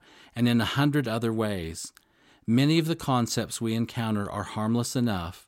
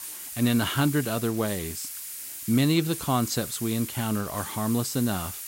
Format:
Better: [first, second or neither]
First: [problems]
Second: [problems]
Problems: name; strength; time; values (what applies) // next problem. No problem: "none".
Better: first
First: none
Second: hiss; loud; throughout; 8 dB below the speech